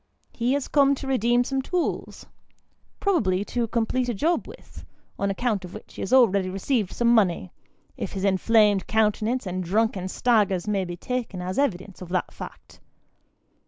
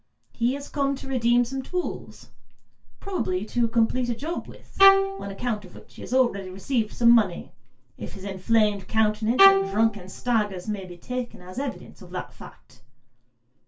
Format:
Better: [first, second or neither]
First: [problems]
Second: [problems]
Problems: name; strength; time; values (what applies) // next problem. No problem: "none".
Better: first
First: none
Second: background sound (Bowed string instrument); 1 dB below the speech // room echo; dies away in 0.2 s